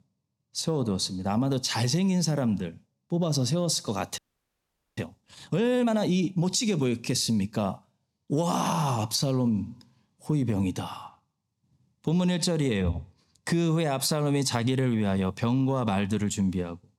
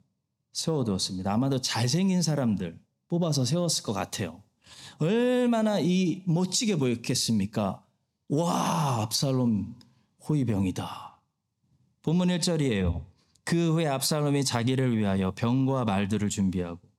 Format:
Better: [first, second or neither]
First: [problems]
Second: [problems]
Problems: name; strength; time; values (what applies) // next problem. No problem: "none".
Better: second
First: audio freezing; at 4 s for 1 s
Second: none